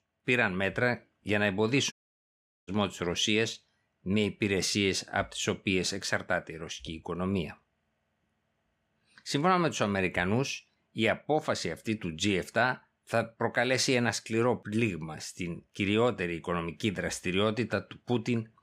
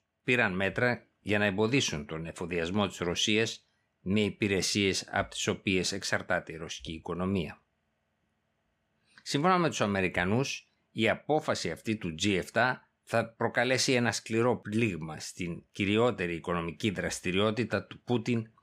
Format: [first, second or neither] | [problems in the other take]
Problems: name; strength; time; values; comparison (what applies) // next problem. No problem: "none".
second | audio cutting out; at 2 s for 1 s